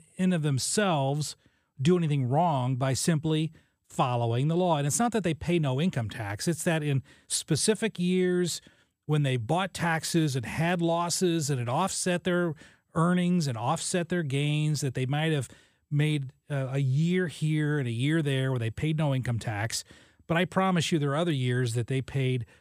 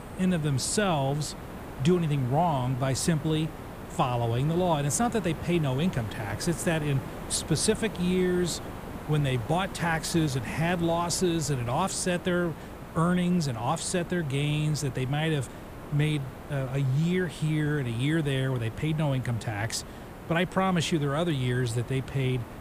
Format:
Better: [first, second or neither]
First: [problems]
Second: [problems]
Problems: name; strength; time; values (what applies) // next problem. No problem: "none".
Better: first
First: none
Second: hiss; noticeable; throughout; 15 dB below the speech